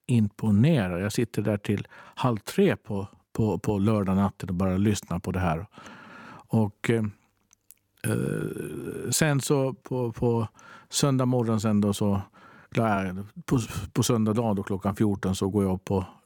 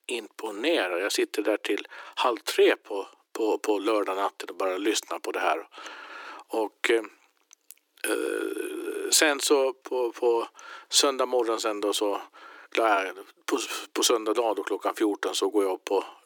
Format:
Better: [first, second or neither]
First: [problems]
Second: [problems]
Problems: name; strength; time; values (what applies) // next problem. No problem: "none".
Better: first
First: none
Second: thin; very; fading below 300 Hz